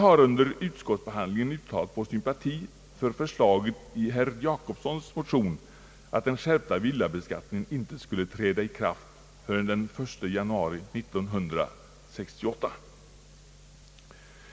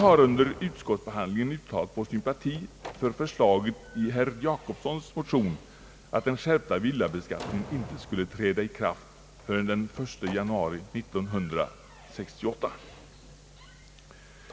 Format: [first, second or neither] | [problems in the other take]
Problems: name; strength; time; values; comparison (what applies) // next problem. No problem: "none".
first | background sound (Slam); 19 dB below the speech